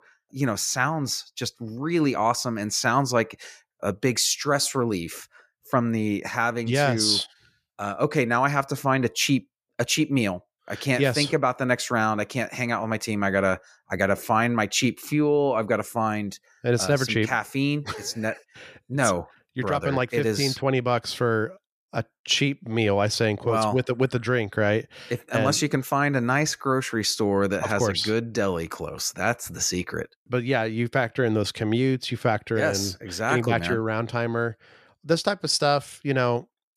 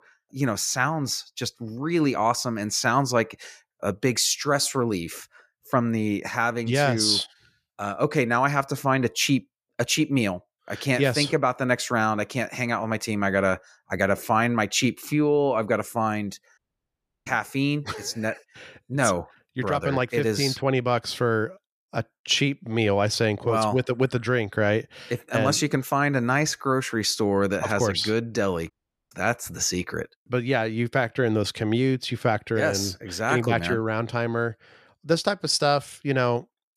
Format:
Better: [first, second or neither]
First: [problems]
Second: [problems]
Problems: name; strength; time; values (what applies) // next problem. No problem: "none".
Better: first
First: none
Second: audio cutting out; at 17 s for 0.5 s and at 29 s